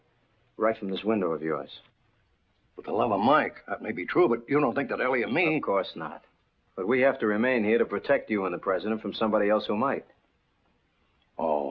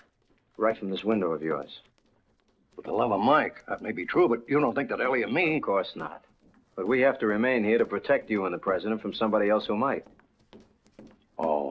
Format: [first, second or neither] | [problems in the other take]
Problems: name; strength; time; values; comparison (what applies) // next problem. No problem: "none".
first | noise reduction (neural separator model SepFormer DNS4)